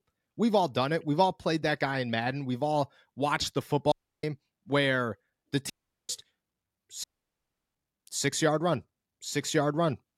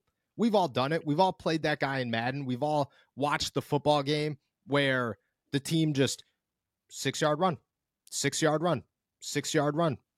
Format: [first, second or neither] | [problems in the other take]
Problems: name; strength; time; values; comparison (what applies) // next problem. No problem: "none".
second | audio cutting out; at 4 s, at 5.5 s and at 7 s for 0.5 s